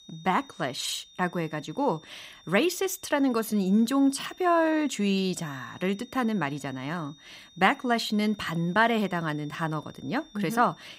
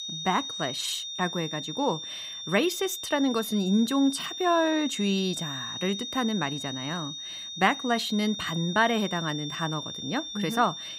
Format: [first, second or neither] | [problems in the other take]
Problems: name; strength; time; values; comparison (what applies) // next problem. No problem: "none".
first | high-pitched whine; loud; throughout; 3.5 kHz, 6 dB below the speech; faint in the first